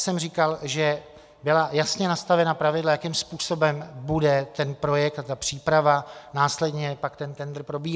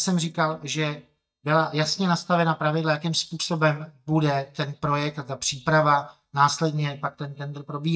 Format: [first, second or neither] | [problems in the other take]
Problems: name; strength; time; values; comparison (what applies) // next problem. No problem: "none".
first | noise reduction (neural mask model DeepFilterNet 3)